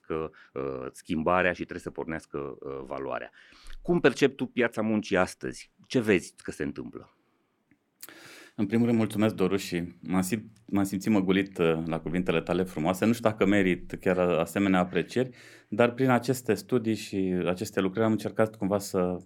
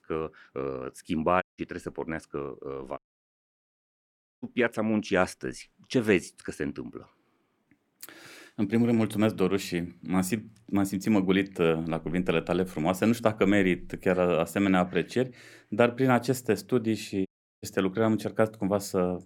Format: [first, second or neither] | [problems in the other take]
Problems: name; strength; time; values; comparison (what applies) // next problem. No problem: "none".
first | audio cutting out; at 1.5 s, at 3 s for 1.5 s and at 17 s